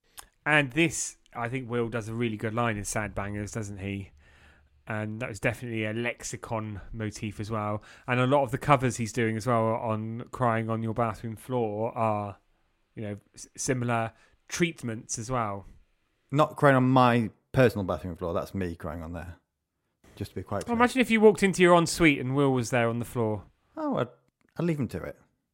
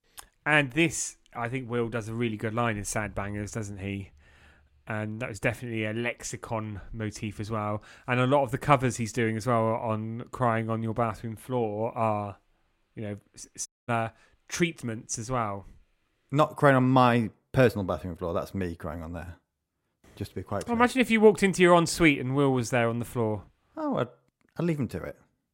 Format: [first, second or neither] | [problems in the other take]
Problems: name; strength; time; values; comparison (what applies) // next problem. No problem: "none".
first | audio cutting out; at 14 s